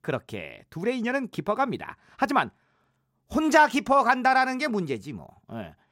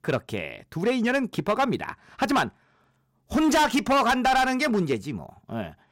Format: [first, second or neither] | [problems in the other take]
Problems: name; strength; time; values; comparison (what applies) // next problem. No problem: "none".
first | distortion; heavy; 8% of the sound clipped